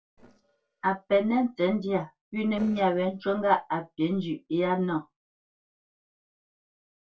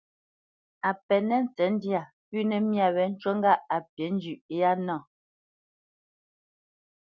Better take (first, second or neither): second